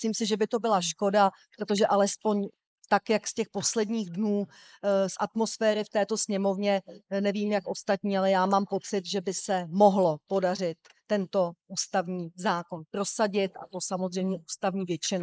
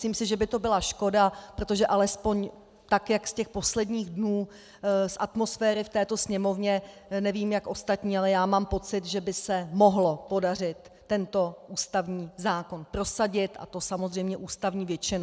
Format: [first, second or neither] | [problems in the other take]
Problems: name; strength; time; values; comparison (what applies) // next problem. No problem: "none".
second | noise reduction (neural mask model Resemble Enhance denoiser)